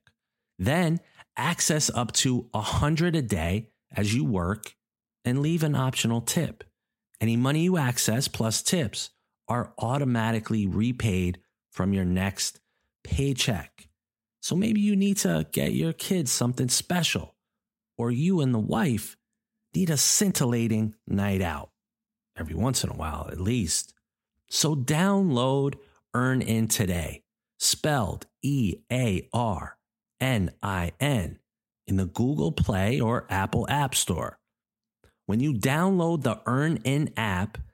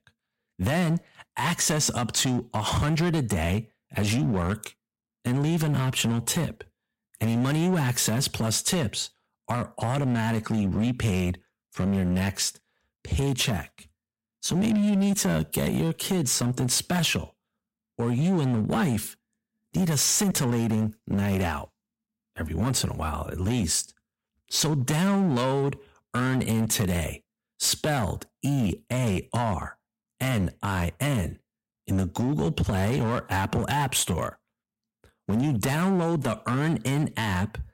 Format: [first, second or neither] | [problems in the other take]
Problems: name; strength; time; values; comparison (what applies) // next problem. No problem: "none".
first | distortion; slight; 12% of the sound clipped